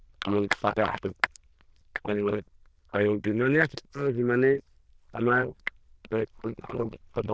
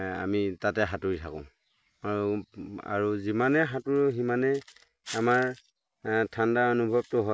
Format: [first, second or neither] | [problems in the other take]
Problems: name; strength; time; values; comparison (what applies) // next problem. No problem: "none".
second | noise reduction (neural diffusion model UNIVERSE++)